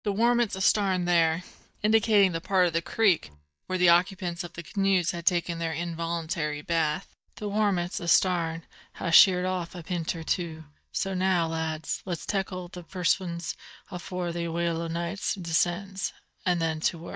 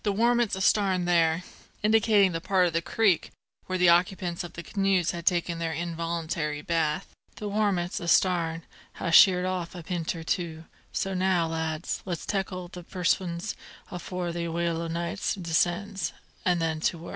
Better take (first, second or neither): second